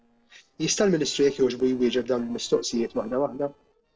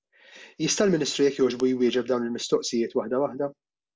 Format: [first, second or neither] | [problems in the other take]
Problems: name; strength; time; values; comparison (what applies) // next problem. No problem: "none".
second | noise reduction (neural separator model SepFormer DNS4)